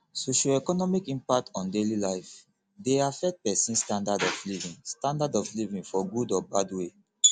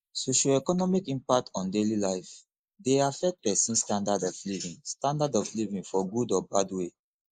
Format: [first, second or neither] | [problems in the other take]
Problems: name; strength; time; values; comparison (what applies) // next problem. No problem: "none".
first | noise reduction (neural mask model Resemble Enhance denoiser)